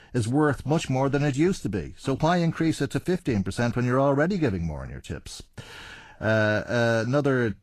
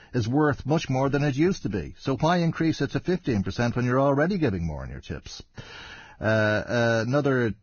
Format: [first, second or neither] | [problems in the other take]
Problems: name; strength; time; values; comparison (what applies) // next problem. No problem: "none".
first | garbled, watery; badly; nothing above 6.5 kHz; slightly in the first